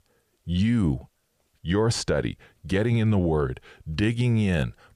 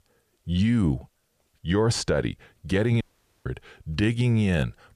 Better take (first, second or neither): first